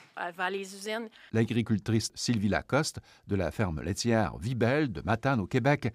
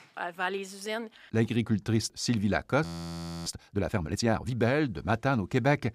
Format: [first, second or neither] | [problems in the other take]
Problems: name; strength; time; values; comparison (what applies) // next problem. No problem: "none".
first | audio freezing; at 3 s for 0.5 s